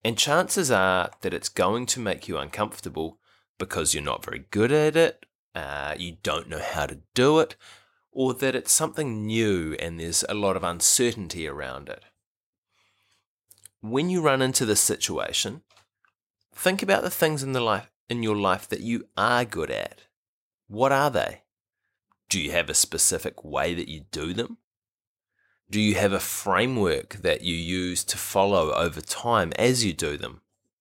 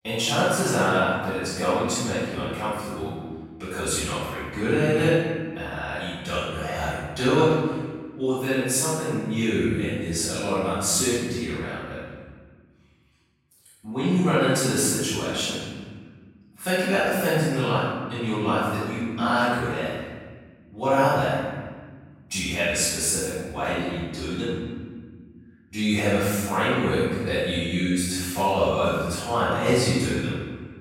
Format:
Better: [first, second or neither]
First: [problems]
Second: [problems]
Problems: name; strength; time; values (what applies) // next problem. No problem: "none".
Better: first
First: none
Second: off-mic speech; far // room echo; strong; dies away in 1.7 s